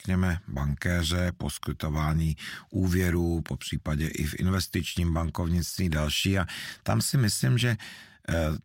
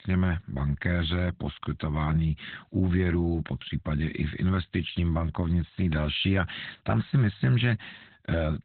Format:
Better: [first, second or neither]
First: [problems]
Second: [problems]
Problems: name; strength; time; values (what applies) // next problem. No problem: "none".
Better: first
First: none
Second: garbled, watery; badly; nothing above 3.5 kHz